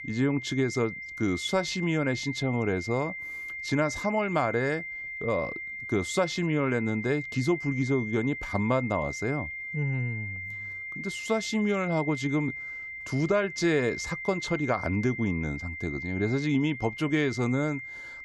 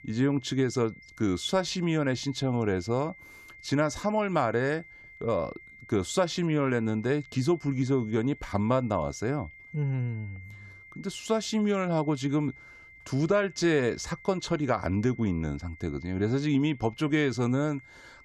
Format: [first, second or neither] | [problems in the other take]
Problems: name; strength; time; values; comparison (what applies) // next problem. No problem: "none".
second | high-pitched whine; loud; throughout; 2 kHz, 7 dB below the speech; faint in the second